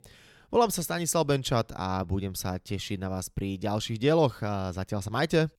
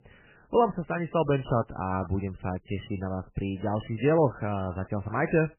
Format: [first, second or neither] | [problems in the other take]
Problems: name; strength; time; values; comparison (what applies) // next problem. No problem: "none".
first | garbled, watery; badly; nothing above 3 kHz